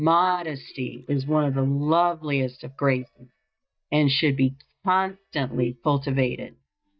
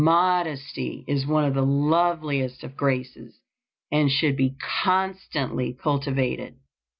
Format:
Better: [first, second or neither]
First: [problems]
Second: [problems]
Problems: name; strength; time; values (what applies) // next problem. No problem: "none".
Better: second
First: noise reduction (neural mask model DeepFilterNet 3)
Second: none